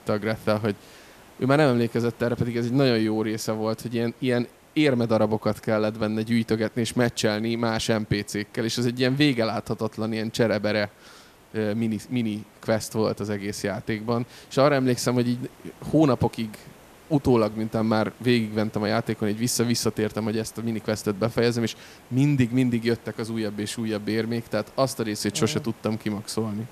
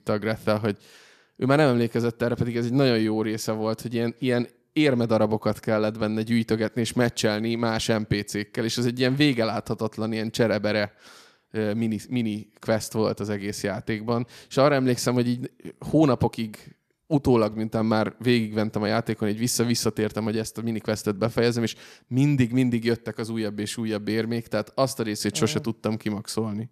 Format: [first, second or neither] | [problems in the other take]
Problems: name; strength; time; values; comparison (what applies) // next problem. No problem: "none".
second | hiss; faint; throughout; 25 dB below the speech